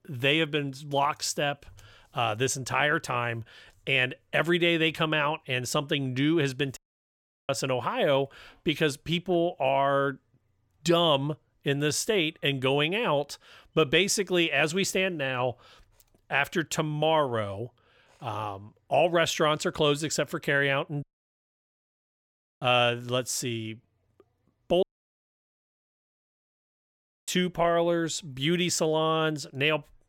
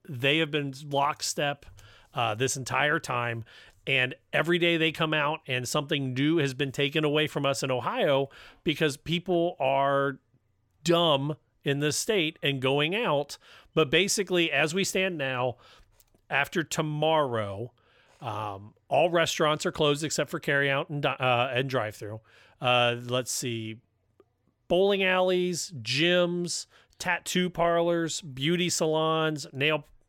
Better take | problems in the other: second | audio cutting out; at 7 s for 0.5 s, at 21 s for 1.5 s and at 25 s for 2.5 s

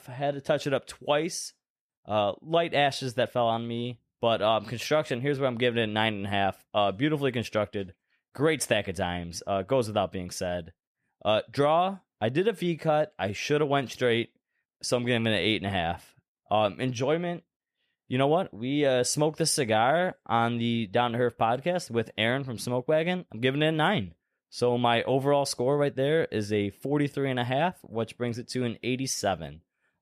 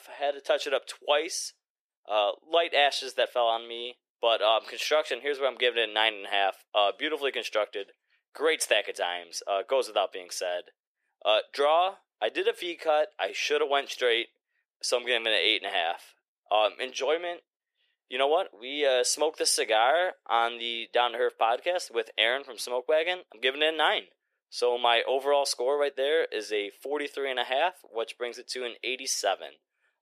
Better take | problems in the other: first | thin; very; fading below 400 Hz

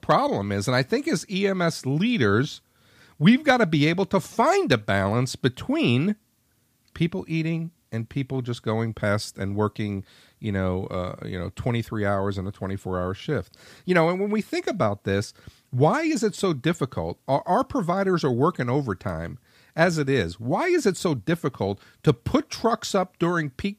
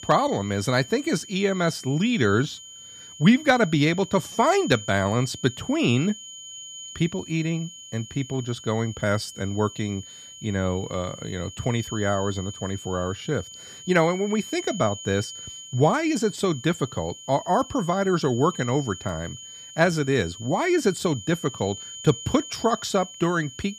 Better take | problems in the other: first | high-pitched whine; noticeable; throughout; 3 kHz, 15 dB below the speech

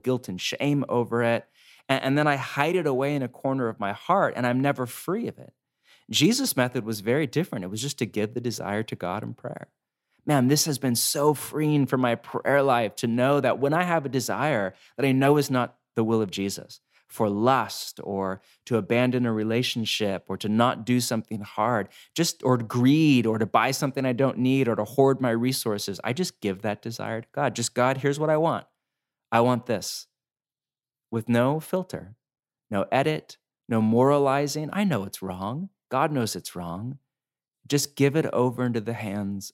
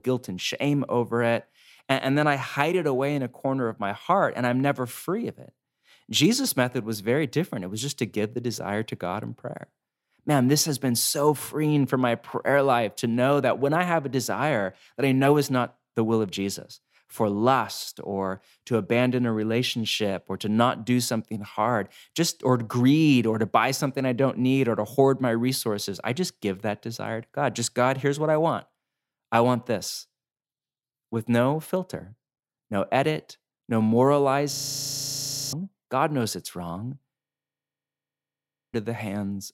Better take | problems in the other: first | audio freezing; at 35 s for 1 s and at 37 s for 1.5 s

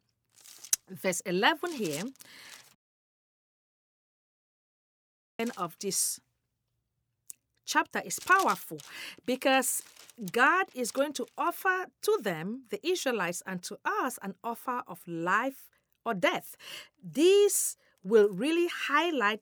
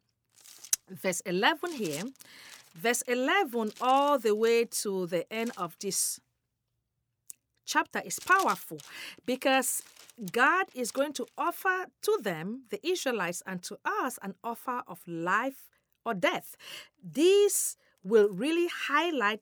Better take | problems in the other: second | audio cutting out; at 3 s for 2.5 s

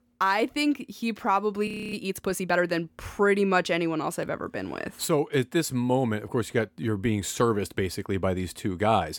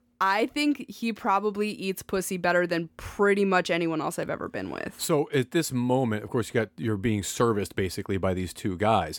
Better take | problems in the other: second | audio freezing; at 1.5 s

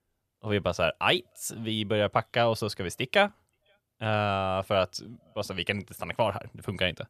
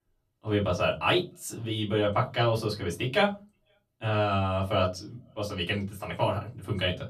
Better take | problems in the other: first | off-mic speech; far // room echo; very slight; dies away in 0.3 s

